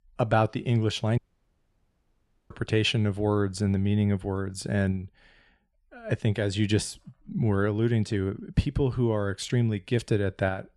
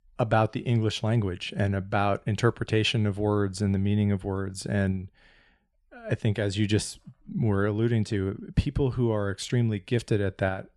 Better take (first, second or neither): second